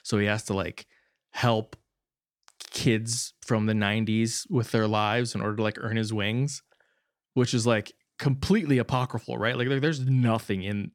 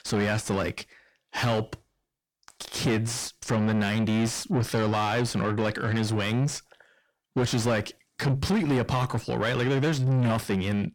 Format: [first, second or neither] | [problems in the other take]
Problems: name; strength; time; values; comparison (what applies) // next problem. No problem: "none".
first | distortion; heavy; 7 dB below the speech